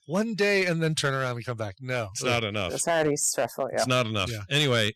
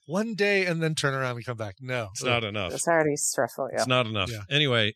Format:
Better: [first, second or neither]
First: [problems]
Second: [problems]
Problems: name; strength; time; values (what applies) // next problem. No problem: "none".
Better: second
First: distortion; slight; 4% of the sound clipped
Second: none